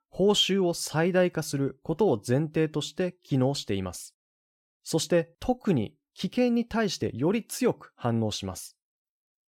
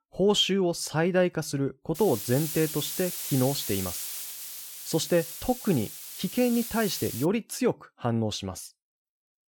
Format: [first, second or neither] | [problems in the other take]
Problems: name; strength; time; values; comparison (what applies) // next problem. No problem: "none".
first | hiss; loud; from 2 to 7.5 s; 7 dB below the speech